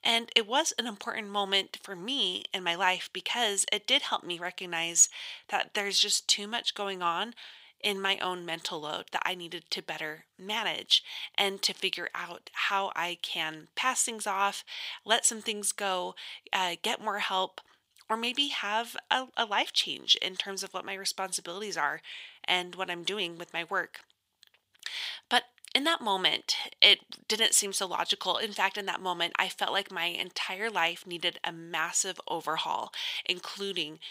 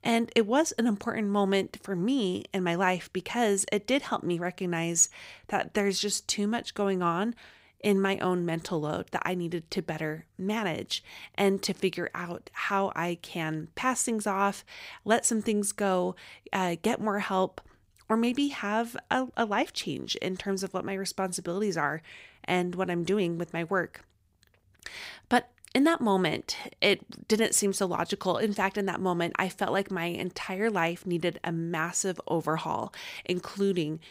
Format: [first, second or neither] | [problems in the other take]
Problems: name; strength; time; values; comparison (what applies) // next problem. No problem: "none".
second | thin; somewhat; fading below 1 kHz